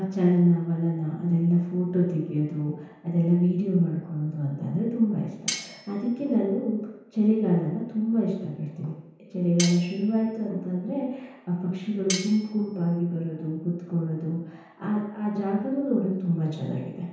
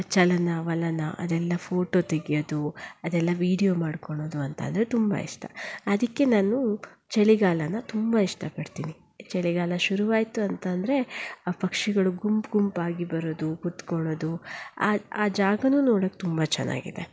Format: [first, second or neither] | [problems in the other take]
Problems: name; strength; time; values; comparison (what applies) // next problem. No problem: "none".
second | background sound (Cutlery, silverware); 10 dB below the speech // room echo; dies away in 0.9 s